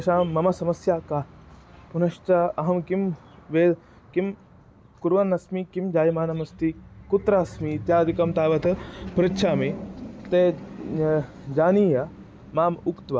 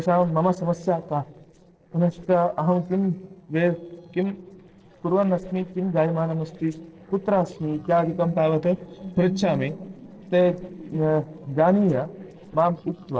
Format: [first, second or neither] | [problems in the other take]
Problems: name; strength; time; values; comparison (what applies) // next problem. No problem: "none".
first | noise reduction (neural separator model SepFormer DNS4)